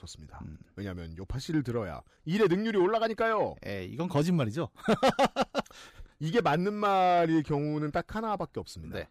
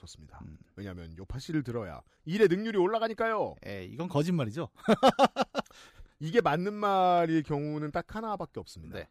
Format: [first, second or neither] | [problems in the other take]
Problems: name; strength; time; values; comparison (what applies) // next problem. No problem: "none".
second | distortion; slight; 10 dB below the speech